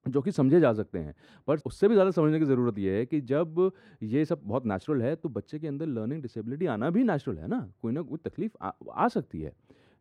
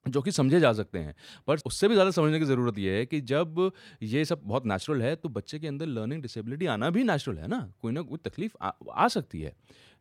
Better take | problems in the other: second | muffled; slightly; fading above 2.5 kHz

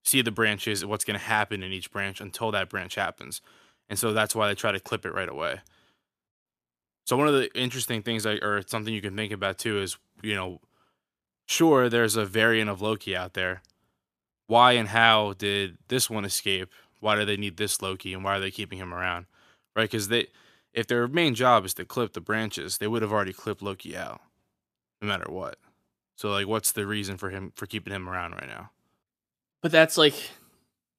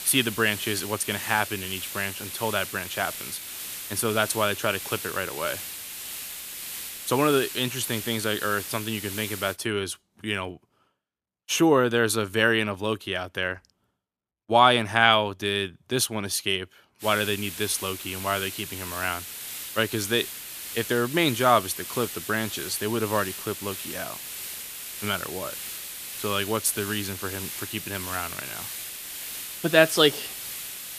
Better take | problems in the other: first | hiss; loud; until 9.5 s and from 17 s on; 8 dB below the speech

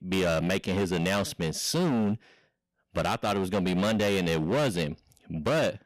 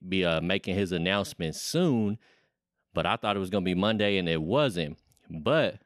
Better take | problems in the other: second | distortion; heavy; 17% of the sound clipped

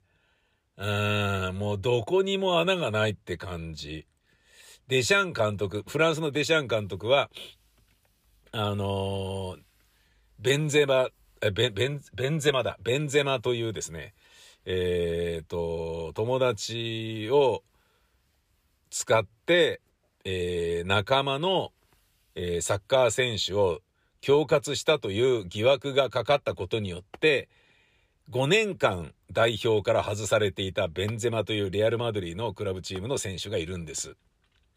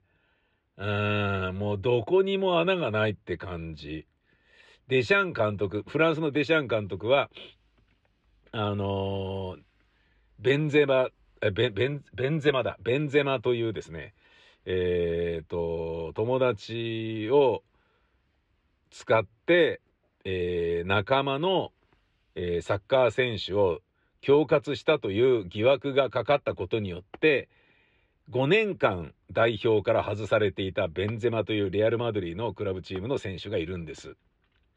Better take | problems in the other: first | muffled; slightly; fading above 2.5 kHz

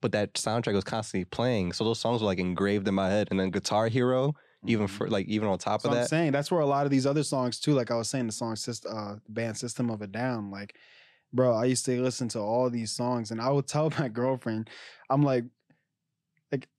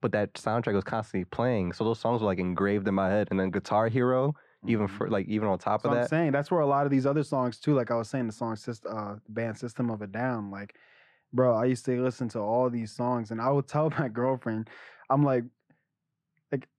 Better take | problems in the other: first | muffled; slightly; fading above 3 kHz

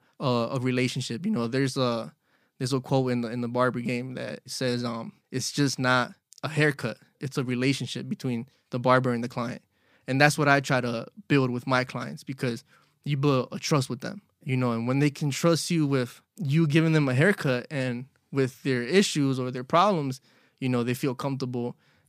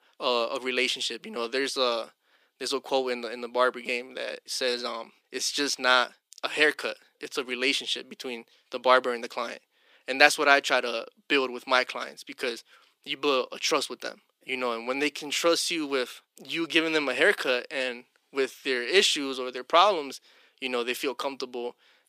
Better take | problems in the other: first | thin; somewhat; fading below 350 Hz

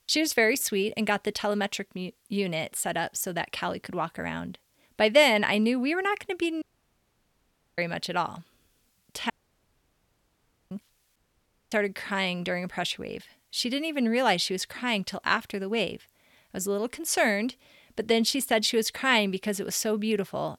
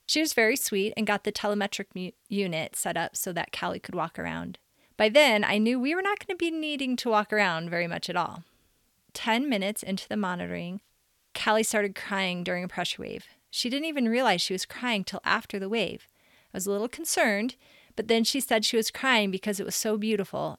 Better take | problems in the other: second | audio cutting out; at 6.5 s for 1 s, at 9.5 s for 1.5 s and at 11 s for 0.5 s

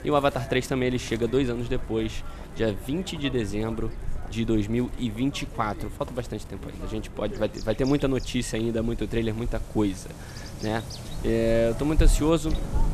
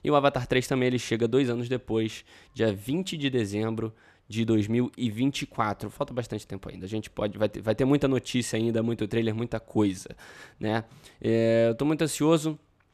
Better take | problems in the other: second | animal sounds; loud; throughout; 9 dB below the speech

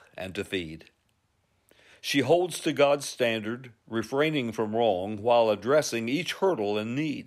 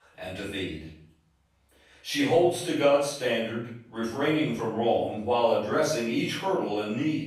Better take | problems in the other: first | off-mic speech; far // room echo; noticeable; dies away in 0.5 s

